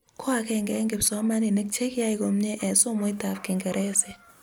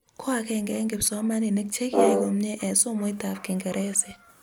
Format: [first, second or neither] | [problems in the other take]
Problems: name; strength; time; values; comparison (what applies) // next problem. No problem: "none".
first | background sound (Brass instrument); 1 dB above the speech